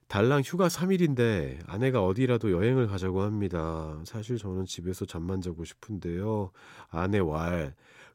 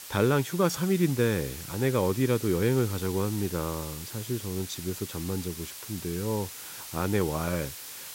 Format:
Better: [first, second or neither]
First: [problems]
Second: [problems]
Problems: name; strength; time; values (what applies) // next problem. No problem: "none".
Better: first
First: none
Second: hiss; loud; throughout; 10 dB below the speech